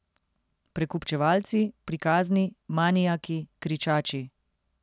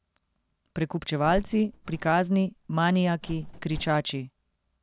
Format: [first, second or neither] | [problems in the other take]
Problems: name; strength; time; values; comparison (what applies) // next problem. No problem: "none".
first | background sound (Bird); 13 dB below the speech